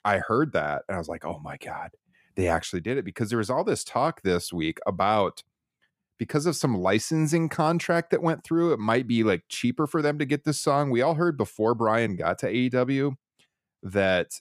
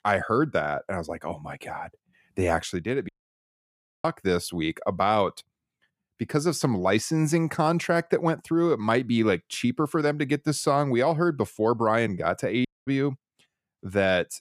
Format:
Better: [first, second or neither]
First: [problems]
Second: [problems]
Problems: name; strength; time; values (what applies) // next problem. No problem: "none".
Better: first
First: none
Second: audio cutting out; at 3 s for 1 s and at 13 s